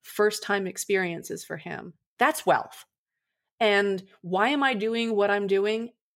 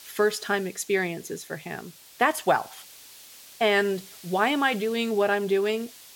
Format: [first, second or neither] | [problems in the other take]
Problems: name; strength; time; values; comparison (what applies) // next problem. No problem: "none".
first | hiss; noticeable; throughout; 20 dB below the speech